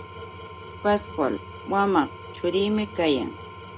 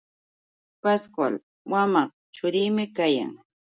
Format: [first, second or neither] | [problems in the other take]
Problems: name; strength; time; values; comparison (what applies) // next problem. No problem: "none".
second | background sound (Engine / Tools); 13 dB below the speech